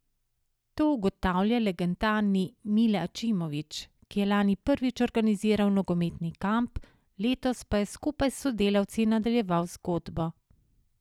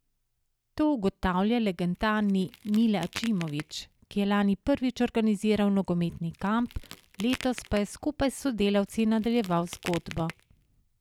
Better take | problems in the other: first | background sound (Crack); 18 dB below the speech

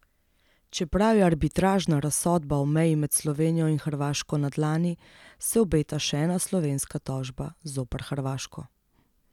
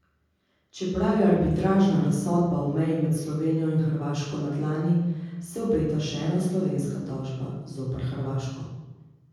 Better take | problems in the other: first | room echo; dies away in 1.3 s

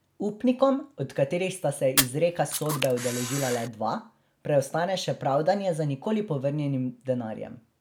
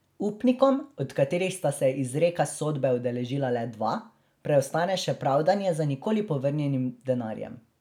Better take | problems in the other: second | background sound (Fire + Camera); 10 dB below the speech

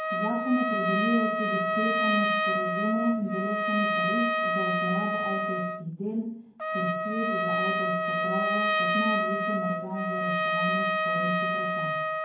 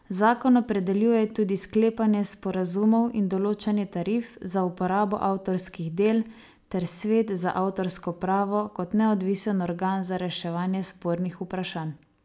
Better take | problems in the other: second | background sound (Trumpet); 4 dB above the speech // room echo; dies away in 0.9 s

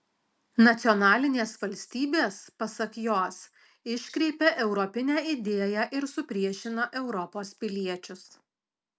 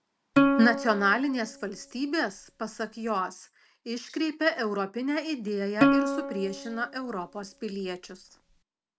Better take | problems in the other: first | background sound (Plucked string instrument); as loud as the speech

